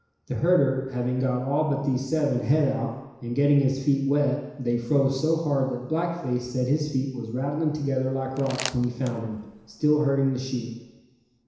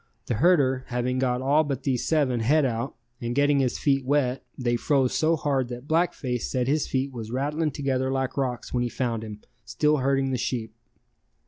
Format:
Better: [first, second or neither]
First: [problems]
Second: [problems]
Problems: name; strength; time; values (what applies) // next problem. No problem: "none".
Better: second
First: background sound (Crumpling, crinkling); 14 dB below the speech // room echo; dies away in 1 s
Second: none